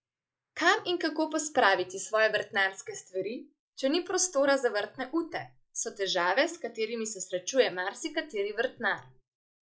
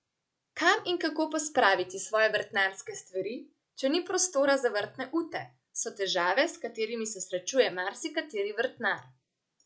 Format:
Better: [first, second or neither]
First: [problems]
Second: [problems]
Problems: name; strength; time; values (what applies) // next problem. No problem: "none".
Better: second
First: noise reduction (neural mask model Resemble Enhance denoiser)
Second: none